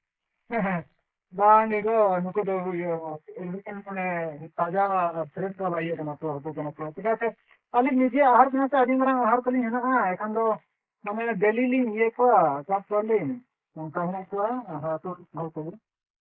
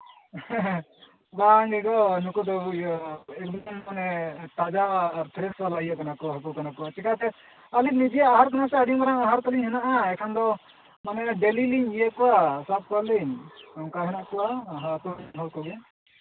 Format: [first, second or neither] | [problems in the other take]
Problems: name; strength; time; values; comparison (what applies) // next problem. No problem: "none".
second | noise reduction (neural mask model Resemble Enhance denoiser)